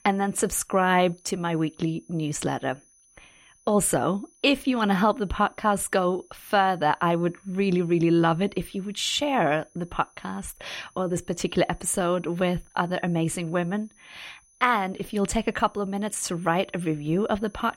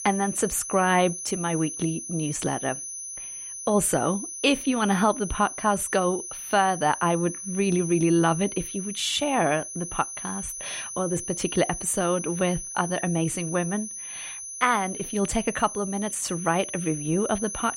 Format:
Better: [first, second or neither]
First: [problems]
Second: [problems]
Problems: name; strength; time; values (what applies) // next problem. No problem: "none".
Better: first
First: high-pitched whine; faint; throughout; 6 kHz, 30 dB below the speech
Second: high-pitched whine; loud; throughout; 6 kHz, 8 dB below the speech